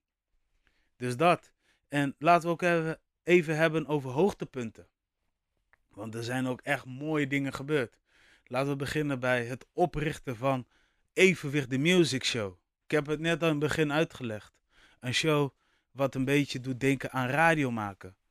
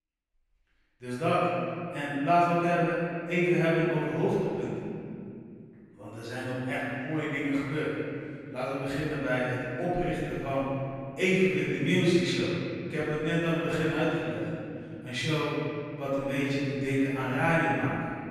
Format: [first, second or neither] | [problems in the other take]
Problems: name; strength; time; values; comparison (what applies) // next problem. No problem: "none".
first | room echo; strong; dies away in 2.6 s // off-mic speech; far